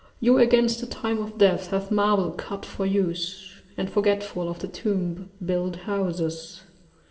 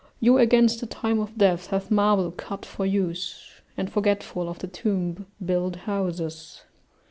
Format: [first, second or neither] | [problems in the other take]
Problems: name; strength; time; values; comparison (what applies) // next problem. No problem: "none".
second | room echo; dies away in 0.9 s